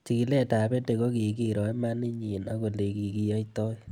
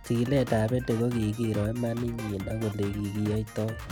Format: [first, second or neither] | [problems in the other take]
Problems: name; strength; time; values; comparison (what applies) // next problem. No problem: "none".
first | background sound (Drum kit); 13 dB below the speech